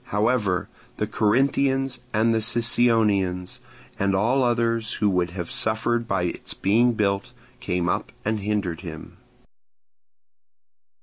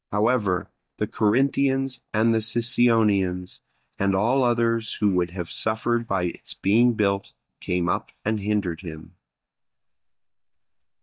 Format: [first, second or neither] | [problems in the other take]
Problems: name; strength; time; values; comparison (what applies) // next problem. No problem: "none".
first | noise reduction (neural mask model DeepFilterNet 3)